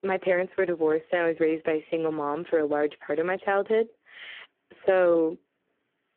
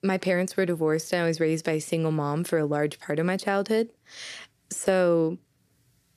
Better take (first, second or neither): second